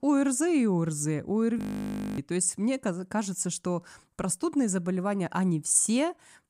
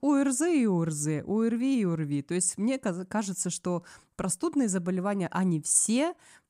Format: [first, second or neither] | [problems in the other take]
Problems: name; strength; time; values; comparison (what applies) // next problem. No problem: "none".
second | audio freezing; at 1.5 s for 0.5 s